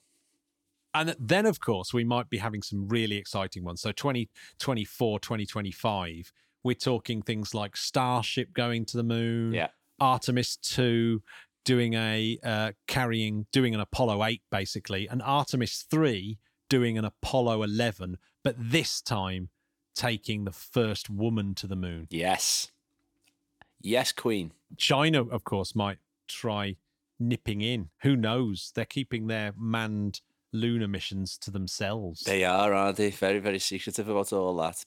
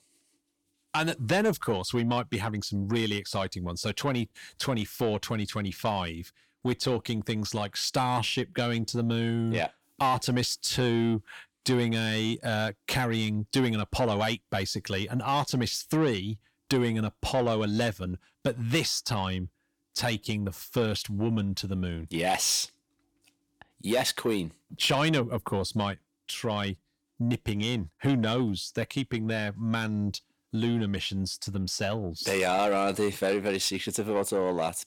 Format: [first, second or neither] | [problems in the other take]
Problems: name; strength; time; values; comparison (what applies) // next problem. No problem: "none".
first | distortion; slight; 10 dB below the speech